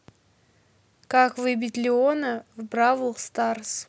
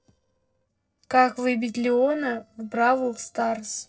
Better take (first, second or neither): first